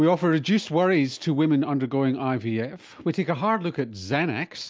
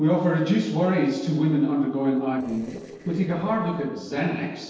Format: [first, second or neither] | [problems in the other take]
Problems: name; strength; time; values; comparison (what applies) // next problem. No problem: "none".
first | noise reduction (neural separator model SepFormer DNS4)